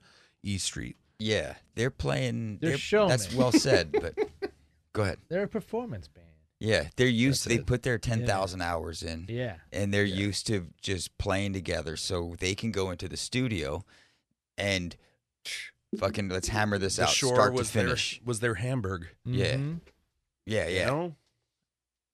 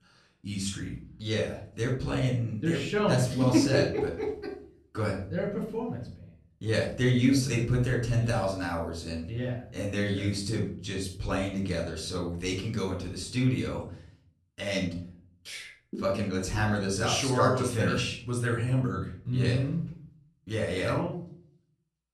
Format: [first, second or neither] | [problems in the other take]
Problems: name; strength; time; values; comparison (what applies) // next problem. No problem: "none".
first | room echo; slight; dies away in 0.5 s // off-mic speech; far